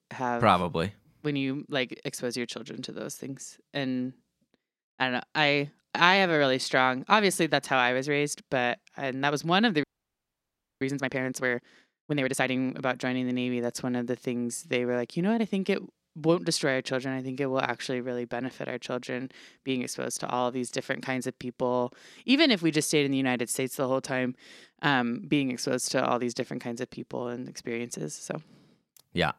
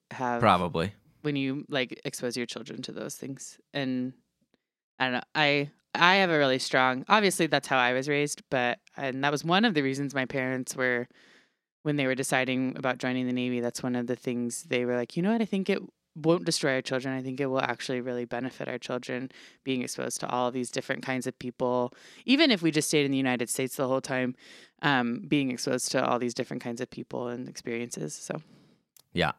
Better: second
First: audio freezing; at 10 s for 1 s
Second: none

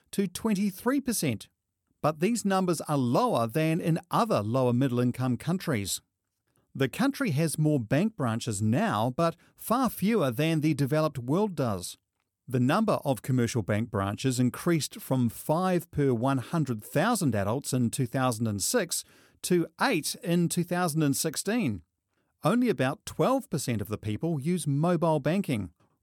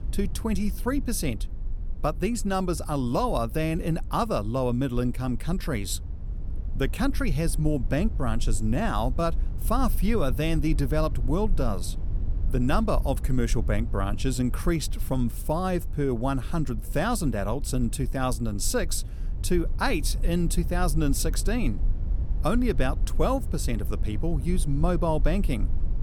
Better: first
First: none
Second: low rumble; faint; throughout; 20 dB below the speech

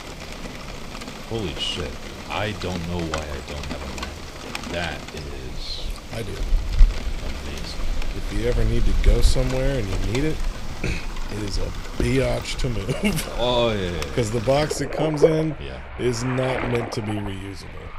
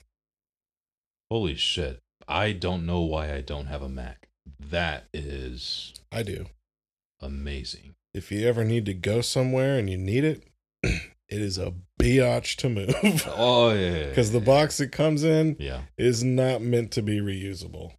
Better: second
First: rain or running water; loud; throughout; 3 dB below the speech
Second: none

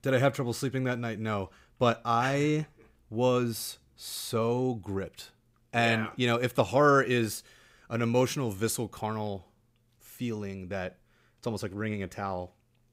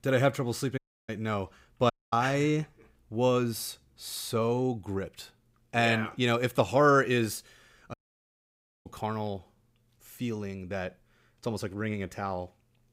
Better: first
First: none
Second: audio cutting out; at 1 s, at 2 s and at 8 s for 1 s

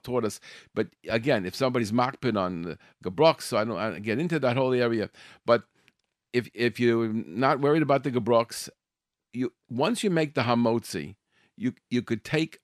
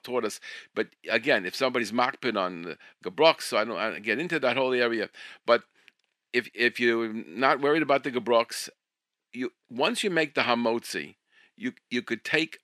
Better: first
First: none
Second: thin; very slightly; fading below 250 Hz

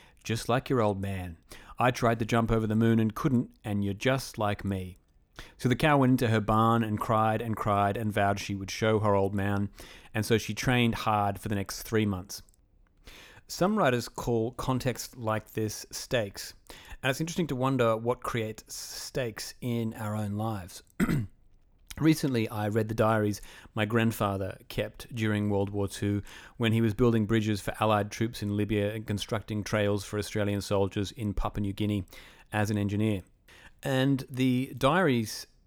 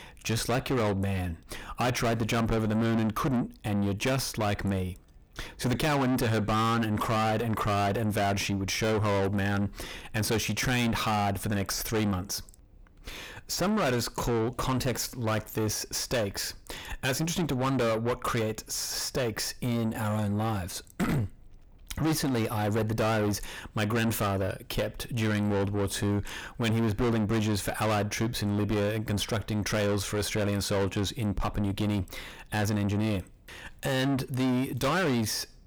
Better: first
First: none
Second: distortion; heavy; 6 dB below the speech

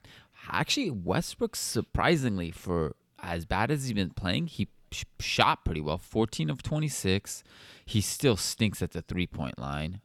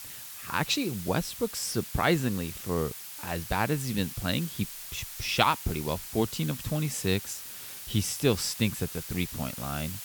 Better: first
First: none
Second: hiss; loud; throughout; 9 dB below the speech

